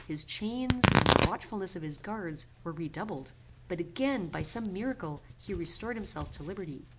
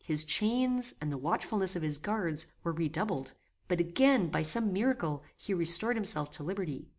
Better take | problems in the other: second | background sound (Tearing); 2 dB above the speech

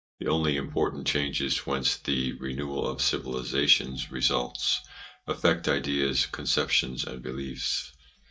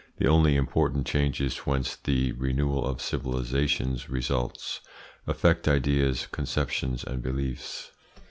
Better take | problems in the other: second | noise reduction (neural mask model DeepFilterNet 3)

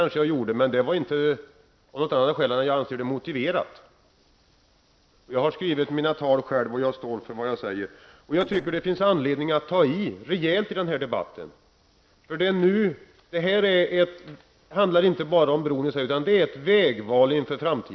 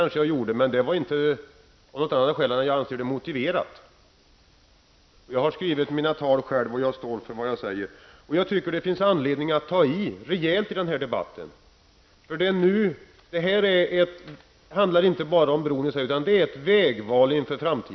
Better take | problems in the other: second | noise reduction (neural separator model SepFormer DNS4)

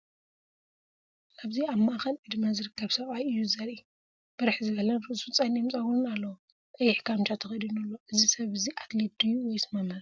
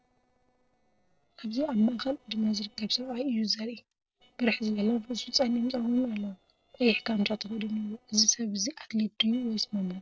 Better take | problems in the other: first | noise reduction (neural separator model SepFormer DNS4)

